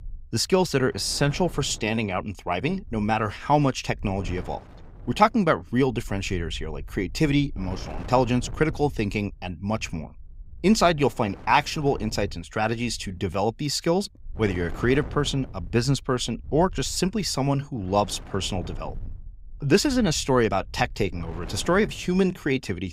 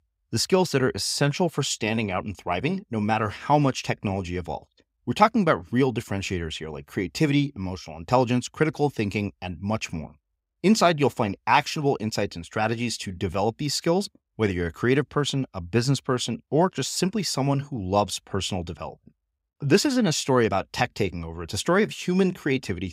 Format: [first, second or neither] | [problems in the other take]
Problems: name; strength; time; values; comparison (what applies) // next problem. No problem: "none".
second | wind noise on the microphone; occasional gusts; 20 dB below the speech